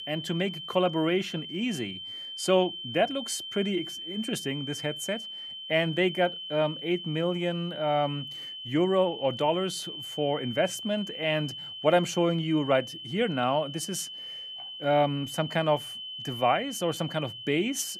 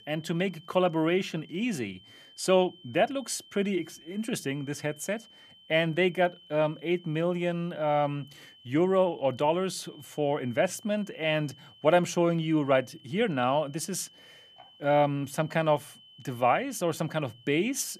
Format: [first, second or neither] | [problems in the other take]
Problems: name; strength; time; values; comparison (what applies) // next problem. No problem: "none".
second | high-pitched whine; loud; throughout; 3 kHz, 9 dB below the speech; faint in the second